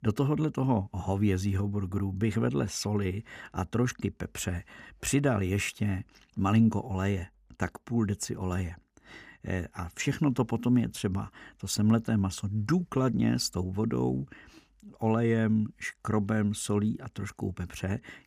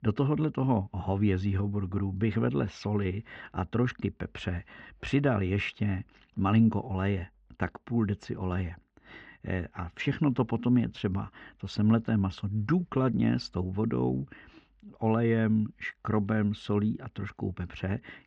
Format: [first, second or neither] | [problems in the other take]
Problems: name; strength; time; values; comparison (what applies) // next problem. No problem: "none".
first | muffled; slightly; fading above 4 kHz